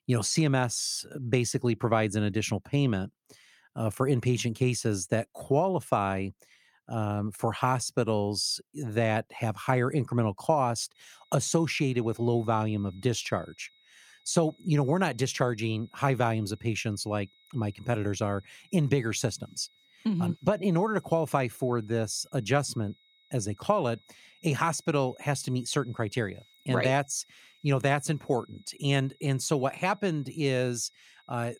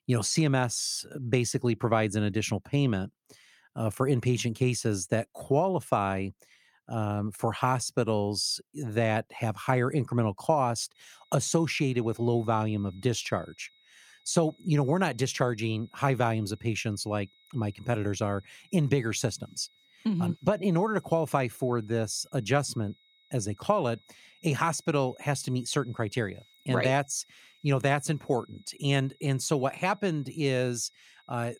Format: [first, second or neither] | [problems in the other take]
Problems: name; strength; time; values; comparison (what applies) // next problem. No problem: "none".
neither | high-pitched whine; faint; from 11 s on; 4 kHz, 30 dB below the speech; the same in both